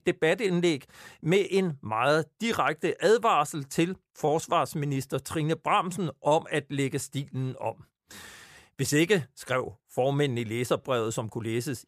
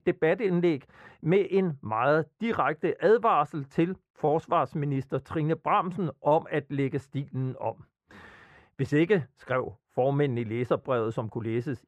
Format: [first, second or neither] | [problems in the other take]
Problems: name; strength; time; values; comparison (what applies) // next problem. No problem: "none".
first | muffled; very; fading above 4 kHz